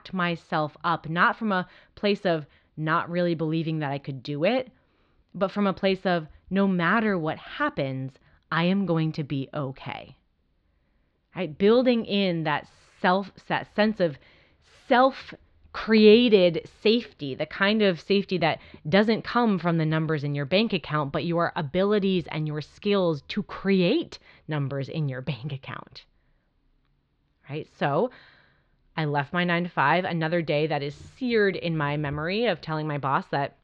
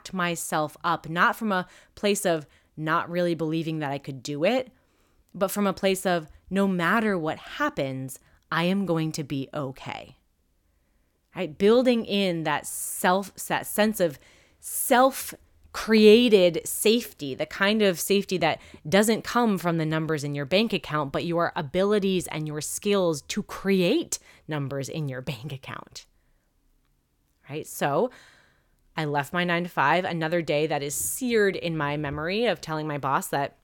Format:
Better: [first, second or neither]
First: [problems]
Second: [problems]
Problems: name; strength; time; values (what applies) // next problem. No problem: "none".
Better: second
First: muffled; very slightly; fading above 4 kHz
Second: none